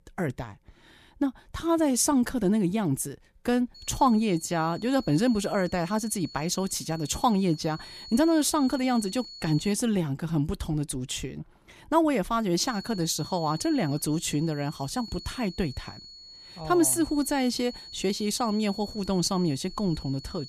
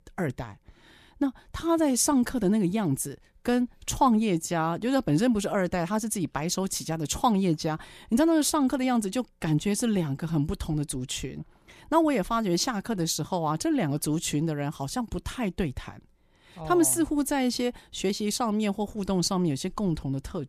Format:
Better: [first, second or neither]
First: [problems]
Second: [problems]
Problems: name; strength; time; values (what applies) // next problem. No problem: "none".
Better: second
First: high-pitched whine; noticeable; from 4 to 9.5 s and from 13 s on; 4.5 kHz, 15 dB below the speech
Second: none